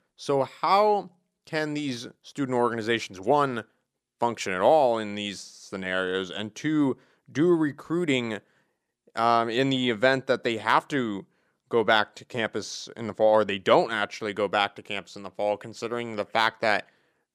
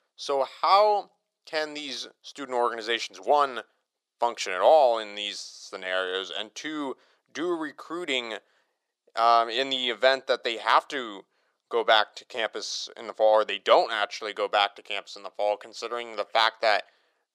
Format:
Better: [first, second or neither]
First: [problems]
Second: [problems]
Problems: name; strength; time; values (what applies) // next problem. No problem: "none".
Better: first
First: none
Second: thin; somewhat; fading below 500 Hz